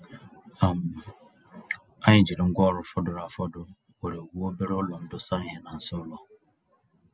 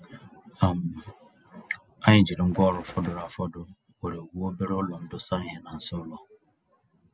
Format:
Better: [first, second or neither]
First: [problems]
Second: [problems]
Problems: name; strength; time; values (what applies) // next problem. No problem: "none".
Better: first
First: none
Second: background sound (Bird); 18 dB below the speech